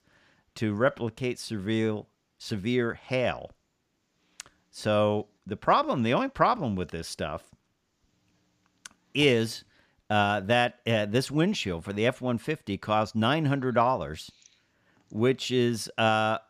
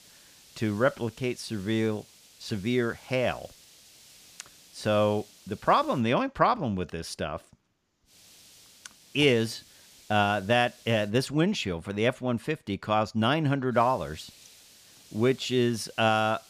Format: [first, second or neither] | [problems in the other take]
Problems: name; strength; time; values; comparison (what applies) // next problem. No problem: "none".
first | hiss; faint; until 6 s, from 8 to 11 s and from 14 s on; 25 dB below the speech